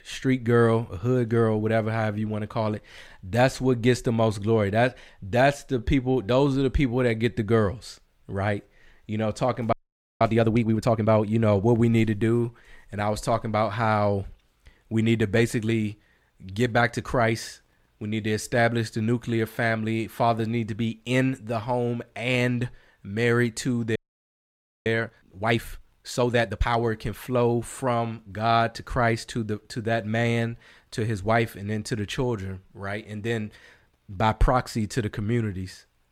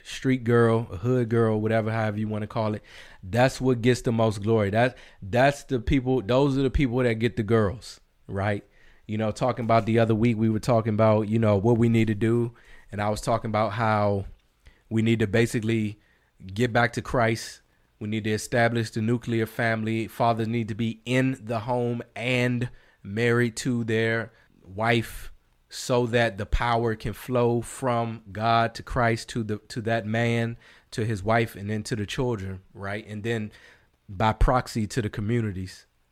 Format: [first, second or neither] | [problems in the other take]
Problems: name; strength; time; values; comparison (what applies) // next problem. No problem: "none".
second | audio freezing; at 9.5 s and at 24 s for 1 s